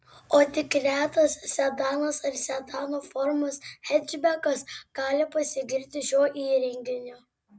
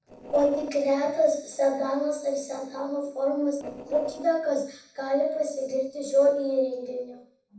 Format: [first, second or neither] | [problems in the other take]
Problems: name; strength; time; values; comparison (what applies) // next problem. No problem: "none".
first | noise reduction (neural separator model SepFormer DNS4)